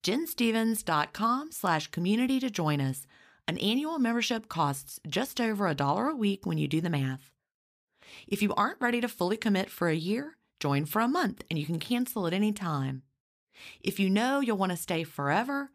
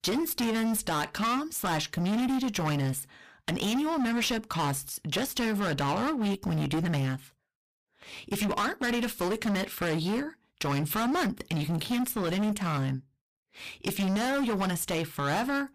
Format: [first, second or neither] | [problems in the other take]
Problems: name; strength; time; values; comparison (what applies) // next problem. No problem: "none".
first | distortion; heavy; 24% of the sound clipped